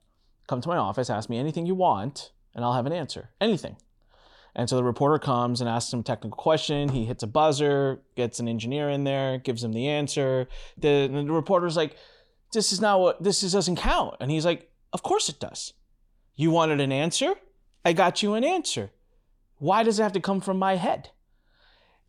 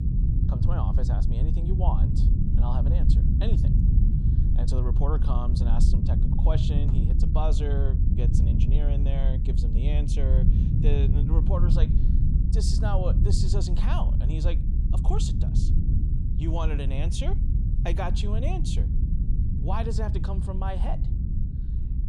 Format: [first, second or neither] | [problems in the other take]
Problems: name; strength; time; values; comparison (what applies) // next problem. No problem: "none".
first | low rumble; loud; throughout; 3 dB below the speech